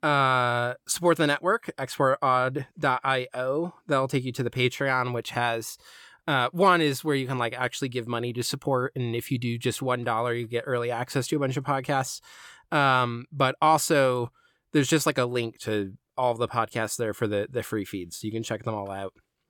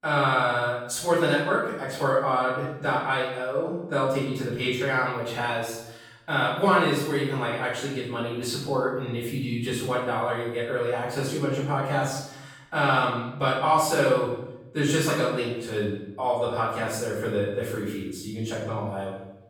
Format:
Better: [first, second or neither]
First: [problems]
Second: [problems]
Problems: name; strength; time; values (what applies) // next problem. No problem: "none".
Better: first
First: none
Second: off-mic speech; far // room echo; noticeable; dies away in 0.8 s